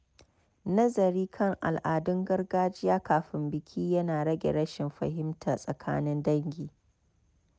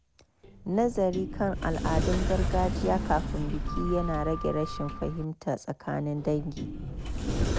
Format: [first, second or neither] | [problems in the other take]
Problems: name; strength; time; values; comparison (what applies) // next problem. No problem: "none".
first | background sound (Sliding door); 1 dB below the speech